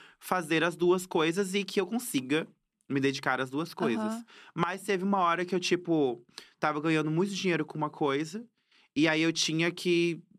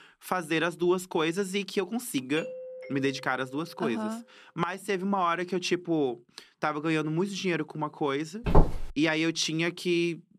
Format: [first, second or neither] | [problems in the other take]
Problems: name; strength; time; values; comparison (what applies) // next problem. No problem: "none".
first | doorbell; noticeable; from 2.5 to 4 s; peak 10 dB below the speech // footsteps; loud; at 8.5 s; peak 4 dB above the speech